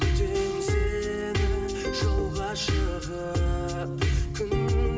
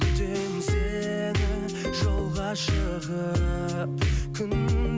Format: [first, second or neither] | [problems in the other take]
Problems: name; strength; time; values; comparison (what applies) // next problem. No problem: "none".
second | room echo; dies away in 2.1 s